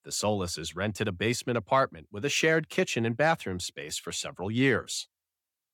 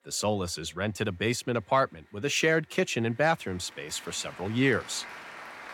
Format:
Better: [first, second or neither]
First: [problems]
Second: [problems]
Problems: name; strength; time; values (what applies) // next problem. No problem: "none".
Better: first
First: none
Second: crowd noise; noticeable; throughout; 15 dB below the speech